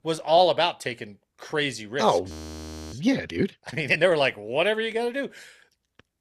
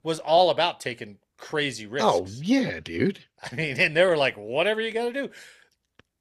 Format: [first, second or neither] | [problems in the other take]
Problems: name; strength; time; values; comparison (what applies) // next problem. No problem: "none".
second | audio freezing; at 2.5 s for 0.5 s